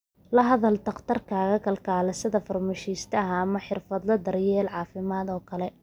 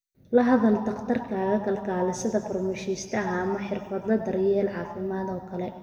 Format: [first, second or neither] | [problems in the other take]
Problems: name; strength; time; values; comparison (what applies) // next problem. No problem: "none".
first | room echo; dies away in 1.7 s